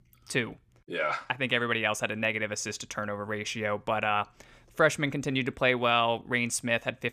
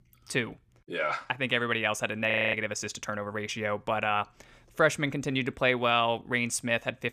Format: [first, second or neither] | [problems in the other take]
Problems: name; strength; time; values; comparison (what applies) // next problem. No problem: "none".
first | audio freezing; at 2.5 s